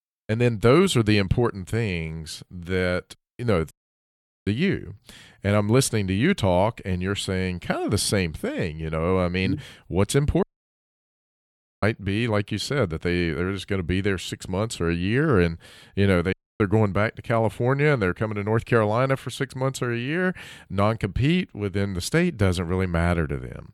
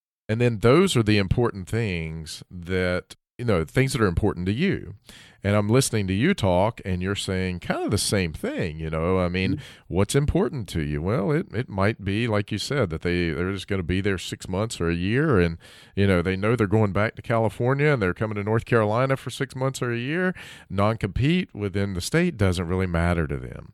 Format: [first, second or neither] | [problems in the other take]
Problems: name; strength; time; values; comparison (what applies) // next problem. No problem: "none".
second | audio cutting out; at 3.5 s for 1 s, at 10 s for 1.5 s and at 16 s